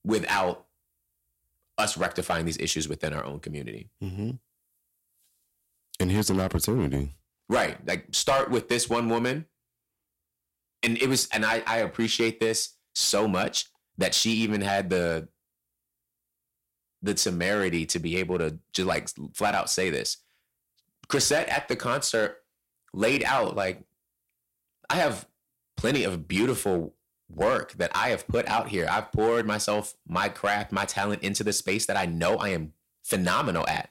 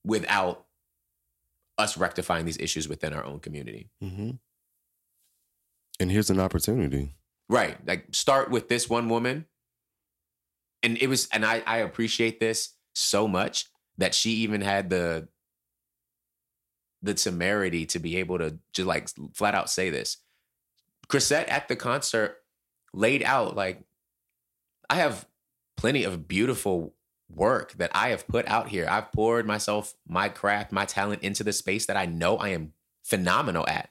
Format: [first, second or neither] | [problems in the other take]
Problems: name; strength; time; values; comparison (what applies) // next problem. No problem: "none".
second | distortion; slight; 3% of the sound clipped